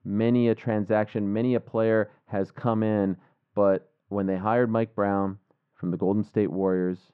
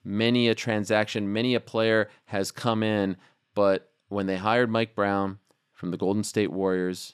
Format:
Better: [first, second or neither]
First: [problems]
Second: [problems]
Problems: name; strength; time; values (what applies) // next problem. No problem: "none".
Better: second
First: muffled; very; fading above 1 kHz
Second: none